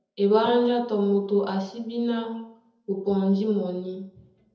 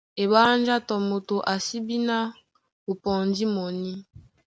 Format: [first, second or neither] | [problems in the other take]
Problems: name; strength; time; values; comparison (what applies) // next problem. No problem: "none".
second | room echo; dies away in 0.7 s